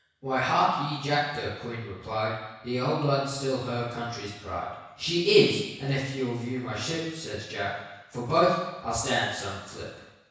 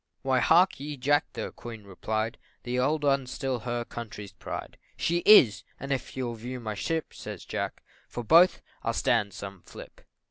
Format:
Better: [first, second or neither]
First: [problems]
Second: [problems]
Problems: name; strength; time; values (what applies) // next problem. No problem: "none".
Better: second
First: room echo; dies away in 1.1 s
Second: none